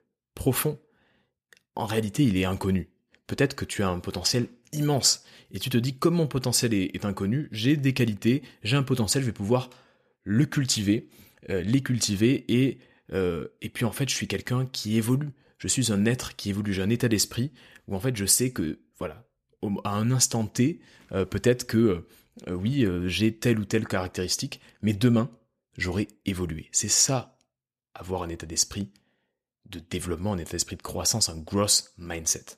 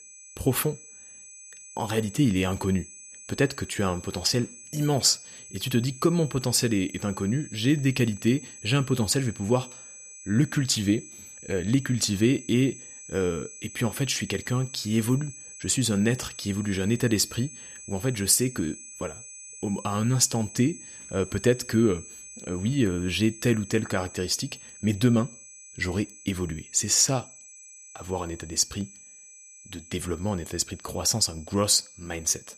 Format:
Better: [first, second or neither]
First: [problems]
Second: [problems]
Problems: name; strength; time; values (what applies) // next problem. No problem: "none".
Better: first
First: none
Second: high-pitched whine; noticeable; throughout; 8 kHz, 15 dB below the speech